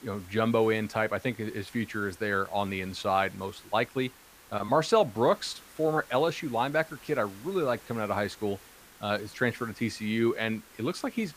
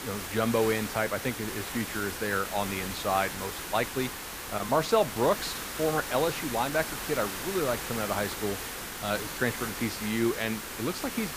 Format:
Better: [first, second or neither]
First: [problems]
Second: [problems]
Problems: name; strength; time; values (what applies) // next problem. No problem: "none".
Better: first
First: hiss; faint; throughout; 20 dB below the speech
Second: hiss; loud; throughout; 5 dB below the speech